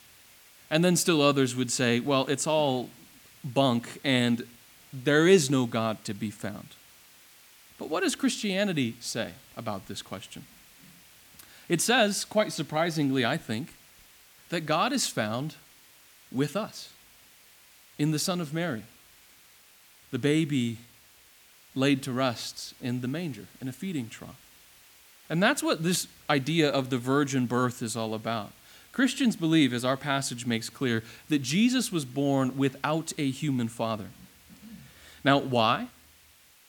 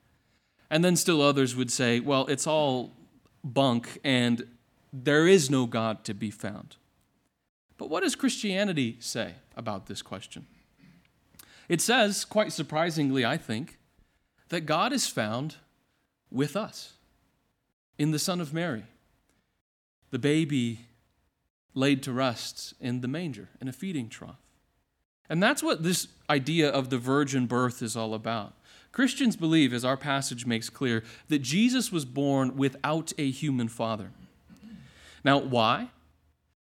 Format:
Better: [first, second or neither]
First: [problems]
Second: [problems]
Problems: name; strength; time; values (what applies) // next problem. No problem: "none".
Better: second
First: hiss; faint; throughout; 25 dB below the speech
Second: none